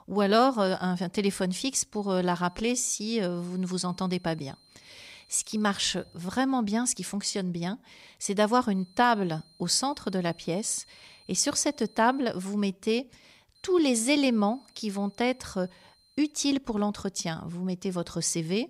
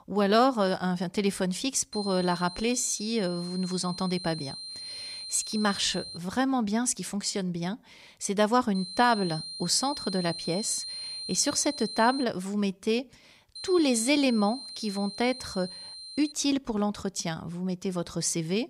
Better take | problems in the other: first | high-pitched whine; loud; from 2 to 6 s, from 9 to 12 s and from 14 to 16 s; 4 kHz, 9 dB below the speech; faint in the first

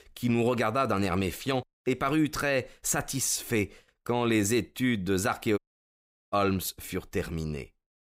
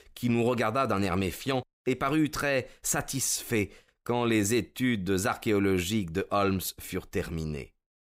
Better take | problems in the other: second | audio cutting out; at 5.5 s for 0.5 s

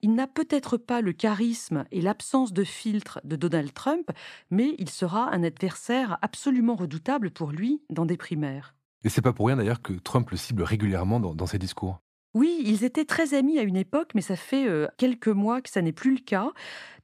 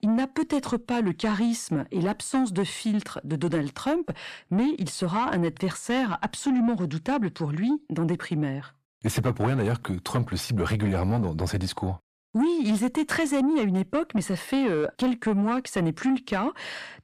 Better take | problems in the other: first | distortion; slight; 10 dB below the speech

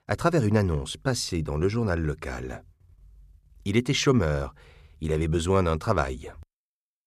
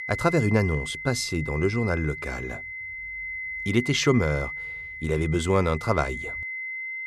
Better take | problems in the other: first | high-pitched whine; loud; throughout; 2 kHz, 7 dB below the speech

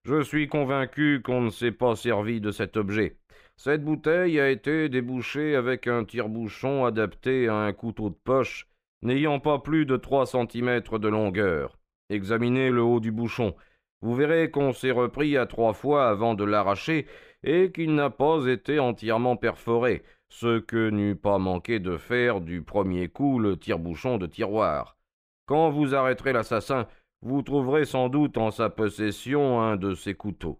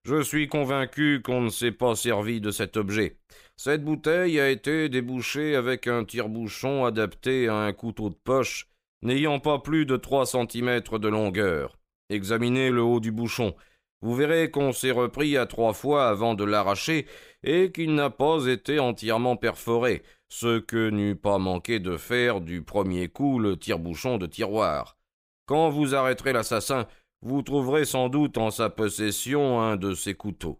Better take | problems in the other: second | muffled; slightly; fading above 4 kHz

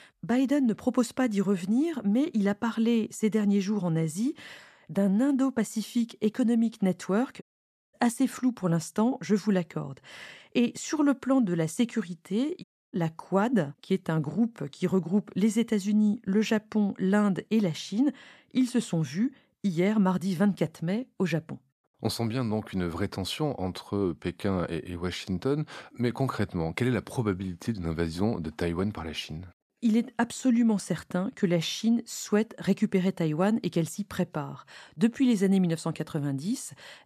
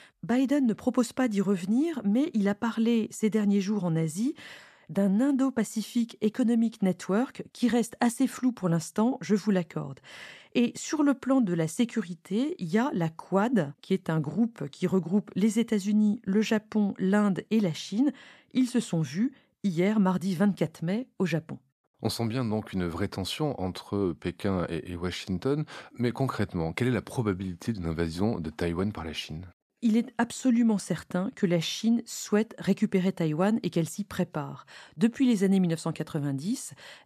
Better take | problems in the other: second | audio cutting out; at 7.5 s for 0.5 s and at 13 s

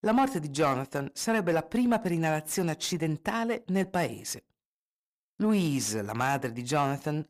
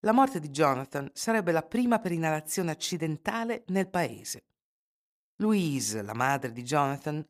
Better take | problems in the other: second | distortion; slight; 10 dB below the speech

